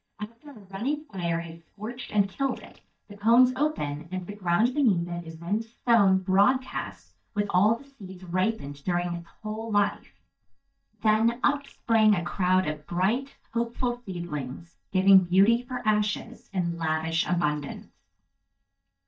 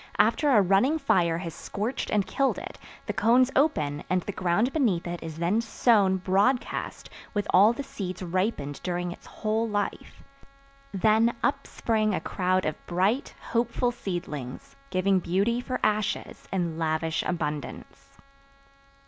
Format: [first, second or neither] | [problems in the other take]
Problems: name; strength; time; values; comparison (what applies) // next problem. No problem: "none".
second | noise reduction (neural mask model DeepFilterNet 3)